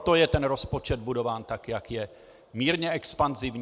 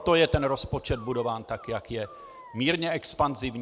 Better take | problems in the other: first | background sound (Dog); 19 dB below the speech

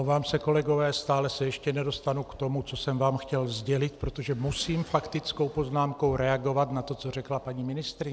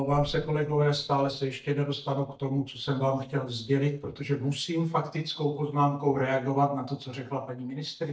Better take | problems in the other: first | noise reduction (neural mask model DeepFilterNet 3)

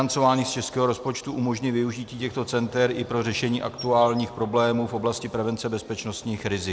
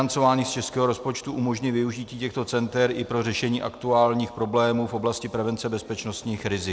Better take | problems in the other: second | background sound (Insect + Race car, auto racing / Engine starting); 20 dB below the speech

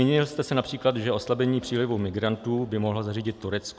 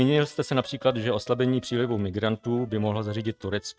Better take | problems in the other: first | noise reduction (neural mask model RNNoise)

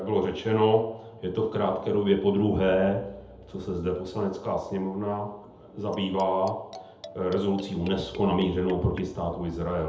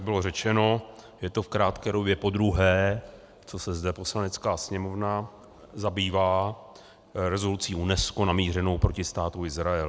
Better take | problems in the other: second | background sound (Marimba, xylophone); 18 dB below the speech // room echo; dies away in 0.7 s

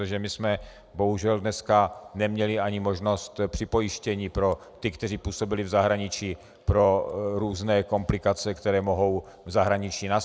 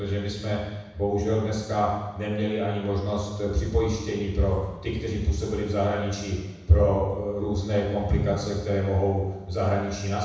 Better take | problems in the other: first | room echo; dies away in 1.1 s

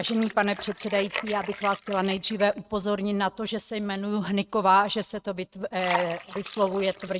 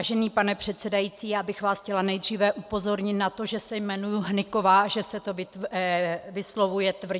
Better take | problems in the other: second | noise reduction (neural mask model RNNoise)

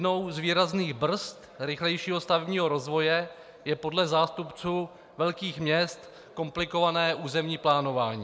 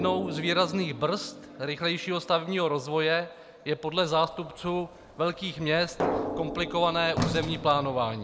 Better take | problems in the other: first | background sound (Sliding door + Drum); 8 dB below the speech

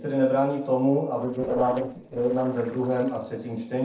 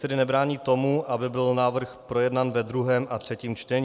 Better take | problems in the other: second | noise reduction (neural separator model SepFormer DNS4)

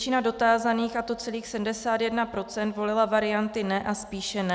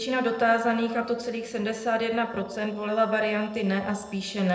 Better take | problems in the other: first | noise reduction (neural separator model SepFormer DNS4)

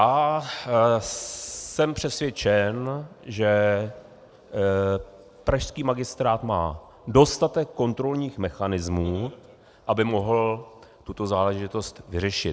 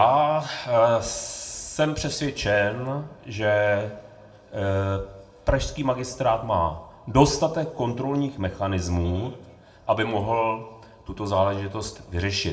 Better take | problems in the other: first | room echo; dies away in 0.4 s

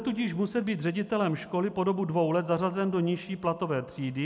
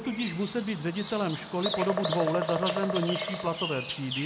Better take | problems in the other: first | background sound (Bird vocalization, bird call, bird song); 3 dB below the speech

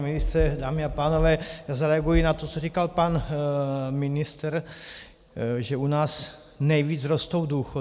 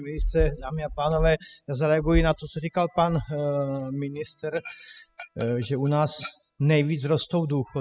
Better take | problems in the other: first | noise reduction (classical method spectral subtraction)

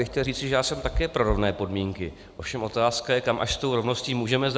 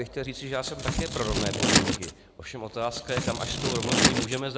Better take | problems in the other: first | background sound (Scissors); 5 dB above the speech

